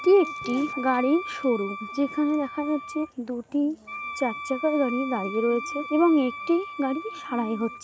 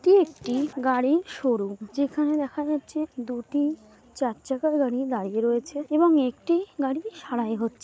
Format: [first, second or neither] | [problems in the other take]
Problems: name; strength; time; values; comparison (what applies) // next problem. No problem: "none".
second | background sound (Wind instrument, woodwind instrument); 11 dB below the speech